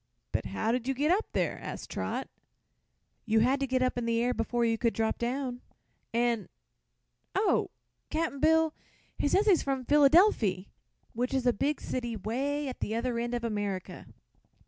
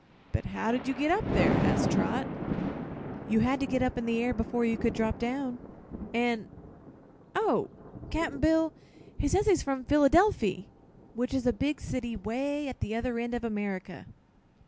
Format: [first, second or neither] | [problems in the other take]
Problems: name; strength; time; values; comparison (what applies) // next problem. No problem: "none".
first | background sound (Thunder); 7 dB below the speech